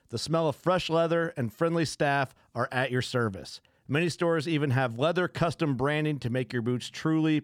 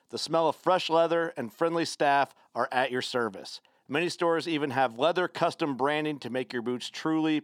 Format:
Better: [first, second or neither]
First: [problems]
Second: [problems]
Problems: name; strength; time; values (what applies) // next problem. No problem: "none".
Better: first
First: none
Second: thin; somewhat; fading below 300 Hz